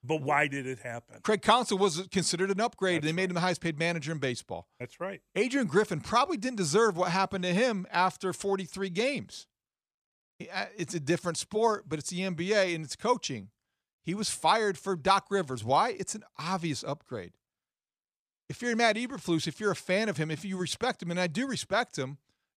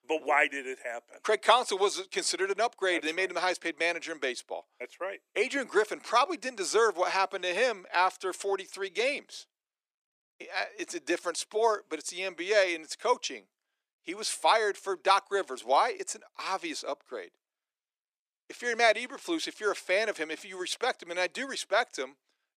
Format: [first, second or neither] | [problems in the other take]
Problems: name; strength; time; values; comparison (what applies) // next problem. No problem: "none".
first | thin; very; fading below 300 Hz